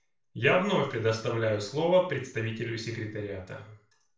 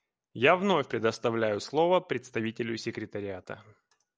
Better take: second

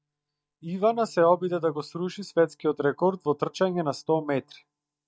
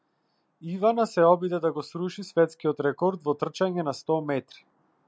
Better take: second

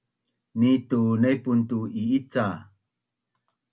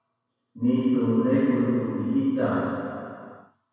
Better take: first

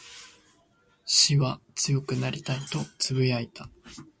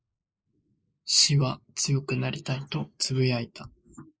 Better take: first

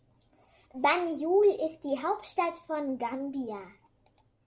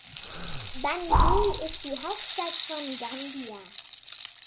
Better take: first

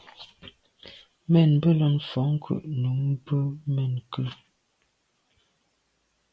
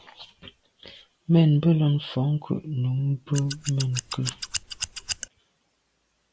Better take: first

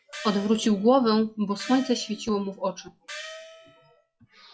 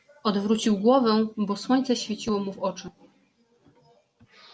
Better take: second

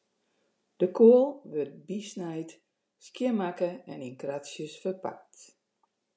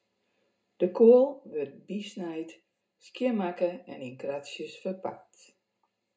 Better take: first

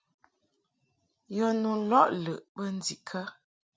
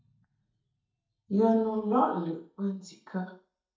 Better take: first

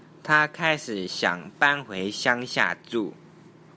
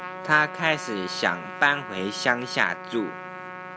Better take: first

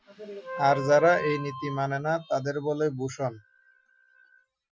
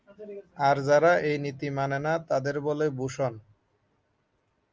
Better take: second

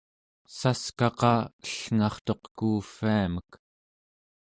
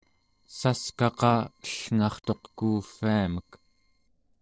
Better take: first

